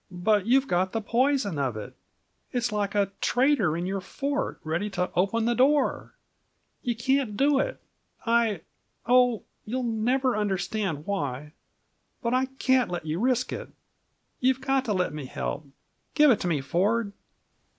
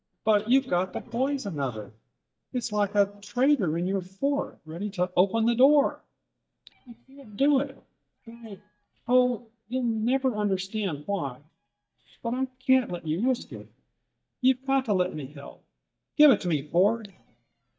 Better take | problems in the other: first | noise reduction (neural mask model DeepFilterNet 3)

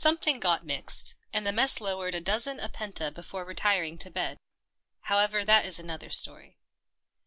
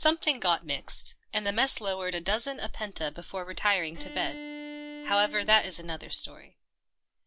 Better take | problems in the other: first | background sound (Bowed string instrument); 12 dB below the speech

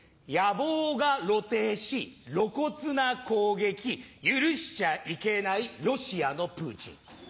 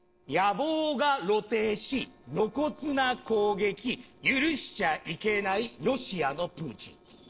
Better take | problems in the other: first | noise reduction (neural separator model SepFormer DNS4)

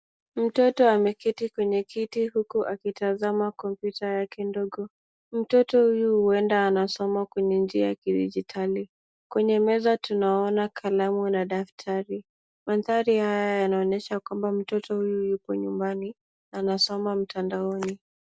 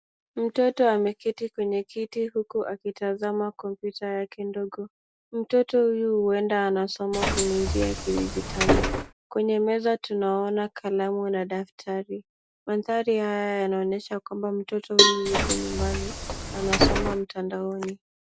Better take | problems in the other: first | background sound (Bus + Cowbell); 2 dB above the speech

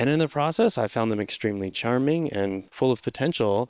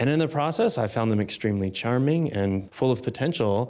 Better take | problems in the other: second | noise reduction (neural separator model SepFormer WHAM!)

